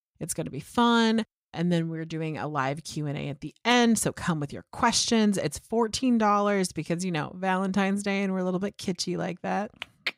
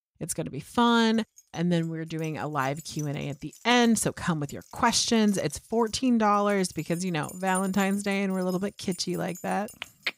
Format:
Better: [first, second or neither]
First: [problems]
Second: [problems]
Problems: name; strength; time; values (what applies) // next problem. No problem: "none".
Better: first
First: none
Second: jangling keys; noticeable; from 1.5 s on; peak 9 dB below the speech